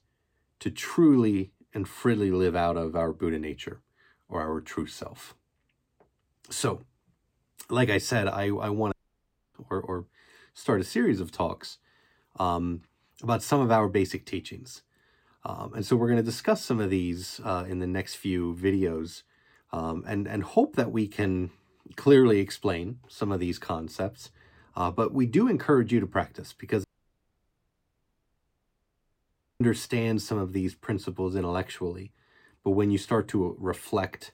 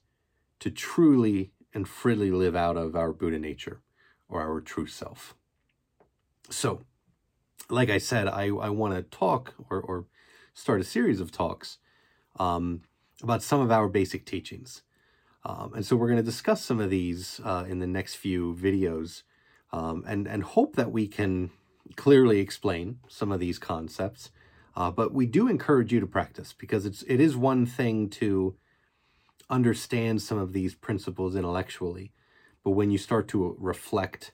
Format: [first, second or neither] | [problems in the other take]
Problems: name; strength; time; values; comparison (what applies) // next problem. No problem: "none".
second | audio cutting out; at 9 s for 0.5 s and at 27 s for 3 s